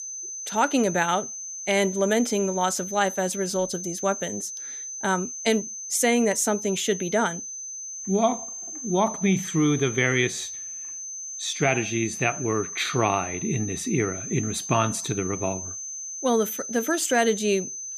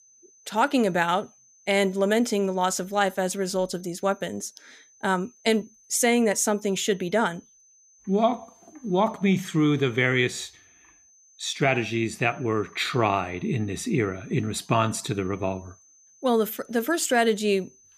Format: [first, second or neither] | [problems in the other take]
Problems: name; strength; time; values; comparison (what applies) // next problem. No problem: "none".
second | high-pitched whine; loud; throughout; 6 kHz, 7 dB below the speech; faint in the second